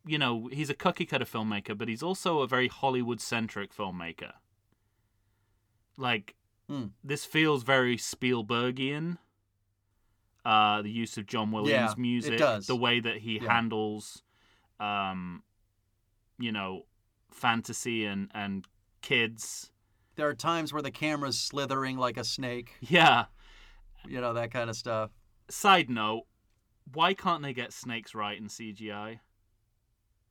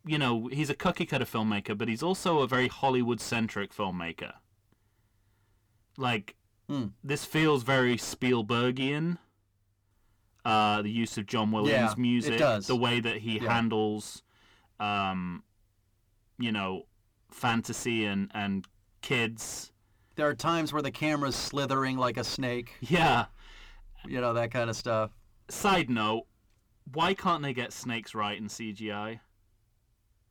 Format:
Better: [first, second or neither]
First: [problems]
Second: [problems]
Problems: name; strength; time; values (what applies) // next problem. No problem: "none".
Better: first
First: none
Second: distortion; heavy; 7 dB below the speech